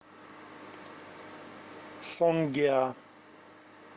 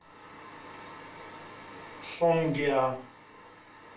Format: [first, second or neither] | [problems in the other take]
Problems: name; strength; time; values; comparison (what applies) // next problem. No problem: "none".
first | room echo; dies away in 0.3 s